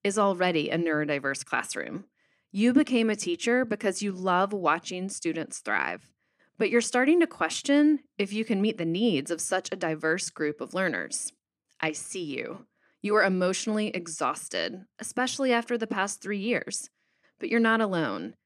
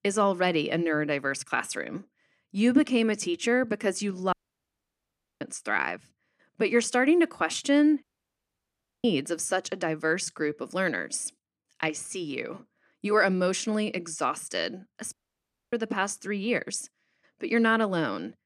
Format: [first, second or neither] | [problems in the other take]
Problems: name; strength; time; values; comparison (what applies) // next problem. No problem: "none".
first | audio cutting out; at 4.5 s for 1 s, at 8 s for 1 s and at 15 s for 0.5 s